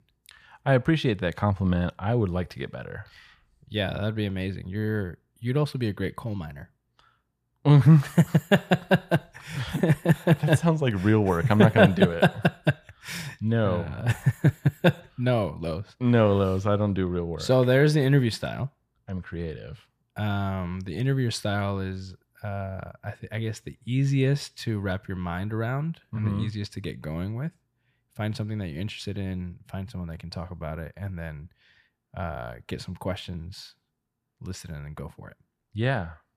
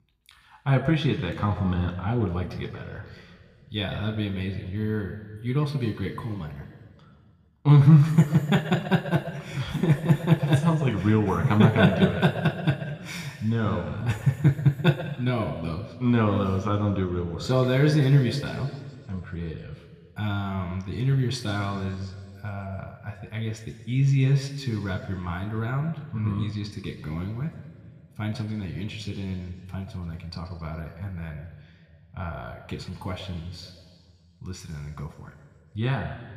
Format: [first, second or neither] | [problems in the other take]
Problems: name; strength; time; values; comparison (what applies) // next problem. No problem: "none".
first | room echo; slight; dies away in 1.9 s